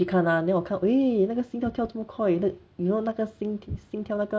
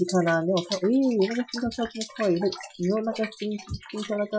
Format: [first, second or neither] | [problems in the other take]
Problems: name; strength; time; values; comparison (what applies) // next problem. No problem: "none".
first | noise reduction (classical method Wiener filter)